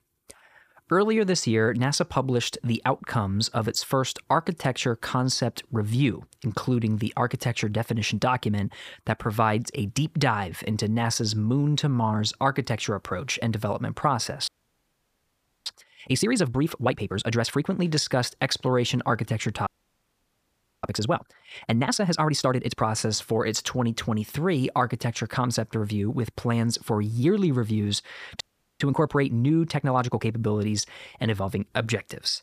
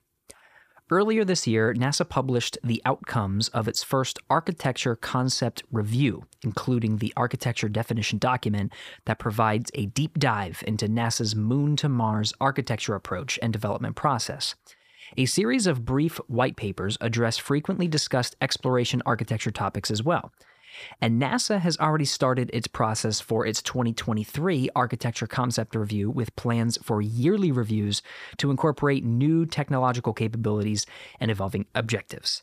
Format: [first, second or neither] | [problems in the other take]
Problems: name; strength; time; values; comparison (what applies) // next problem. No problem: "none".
second | audio freezing; at 14 s for 1 s, at 20 s for 1 s and at 28 s